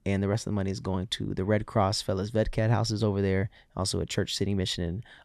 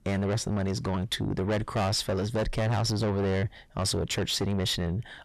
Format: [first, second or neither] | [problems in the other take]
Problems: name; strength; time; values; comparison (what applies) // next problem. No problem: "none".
first | distortion; heavy; 6 dB below the speech